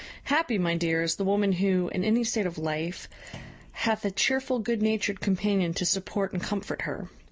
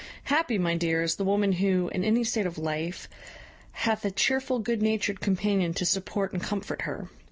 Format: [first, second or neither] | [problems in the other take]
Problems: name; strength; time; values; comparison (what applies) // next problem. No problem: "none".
second | background sound (Thump, thud); 19 dB below the speech